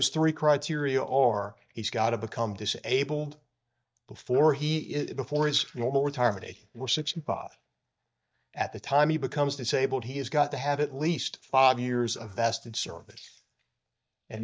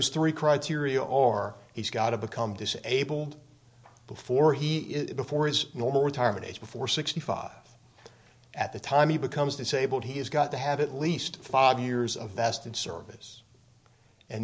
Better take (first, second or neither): second